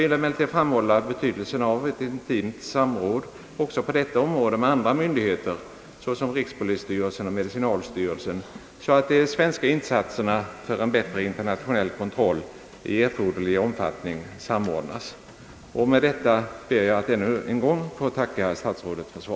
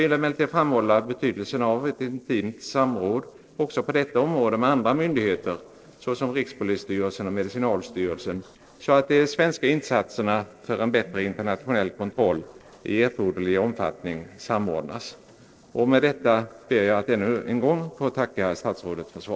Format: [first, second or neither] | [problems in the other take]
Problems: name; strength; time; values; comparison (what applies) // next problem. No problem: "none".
first | noise reduction (neural separator model SepFormer DNS4)